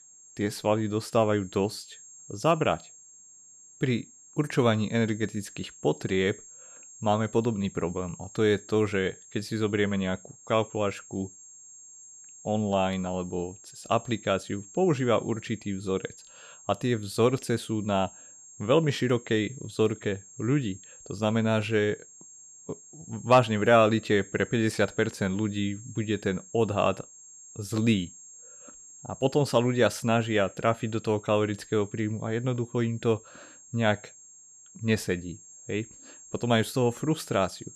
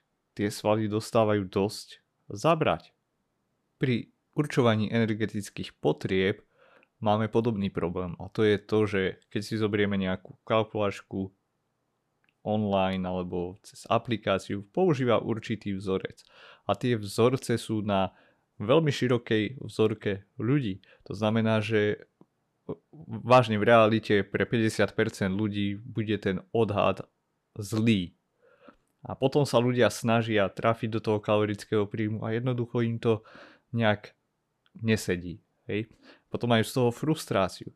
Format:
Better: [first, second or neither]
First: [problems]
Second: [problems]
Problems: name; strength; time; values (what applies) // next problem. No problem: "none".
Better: second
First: high-pitched whine; noticeable; throughout; 7.5 kHz, 20 dB below the speech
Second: none